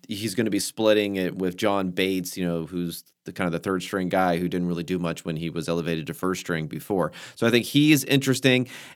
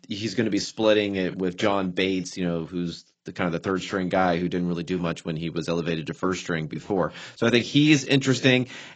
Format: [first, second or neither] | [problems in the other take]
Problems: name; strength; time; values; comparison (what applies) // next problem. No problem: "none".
first | garbled, watery; badly; nothing above 7.5 kHz